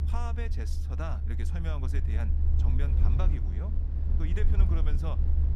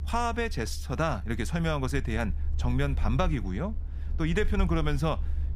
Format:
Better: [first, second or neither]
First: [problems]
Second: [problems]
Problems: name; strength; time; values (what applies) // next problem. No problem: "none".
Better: second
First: low rumble; loud; throughout; 3 dB below the speech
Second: low rumble; faint; throughout; 20 dB below the speech